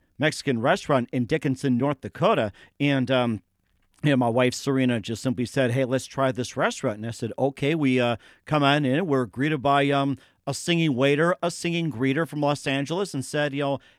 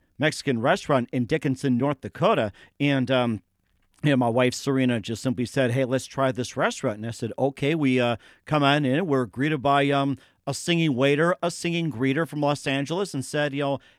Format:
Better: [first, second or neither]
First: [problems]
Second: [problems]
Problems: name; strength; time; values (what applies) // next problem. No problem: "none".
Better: neither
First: none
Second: none